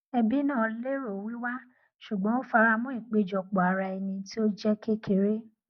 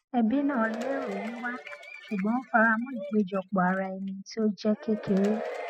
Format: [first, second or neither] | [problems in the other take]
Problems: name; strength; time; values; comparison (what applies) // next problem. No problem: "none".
first | noise reduction (classical method spectral subtraction)